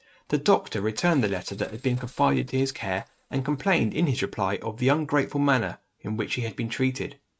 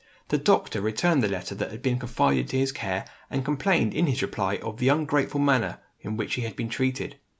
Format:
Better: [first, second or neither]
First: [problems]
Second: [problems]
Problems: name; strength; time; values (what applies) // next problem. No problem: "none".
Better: second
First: noise reduction (neural mask model RNNoise)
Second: none